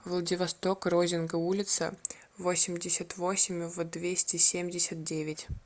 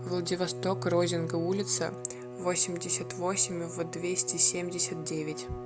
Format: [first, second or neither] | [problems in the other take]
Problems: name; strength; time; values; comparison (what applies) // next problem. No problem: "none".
first | background sound (Bowed string instrument); 9 dB below the speech